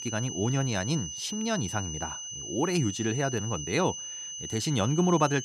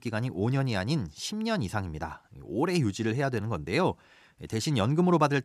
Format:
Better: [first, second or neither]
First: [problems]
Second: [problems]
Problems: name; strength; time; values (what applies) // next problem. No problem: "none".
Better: second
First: high-pitched whine; loud; throughout; 6 kHz, 6 dB below the speech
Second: none